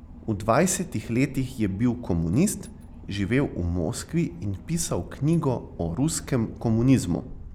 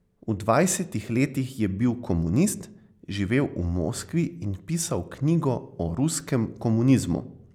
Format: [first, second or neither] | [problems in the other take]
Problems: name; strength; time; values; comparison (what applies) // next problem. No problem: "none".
second | background sound (Engine / Boat, Water vehicle); 16 dB below the speech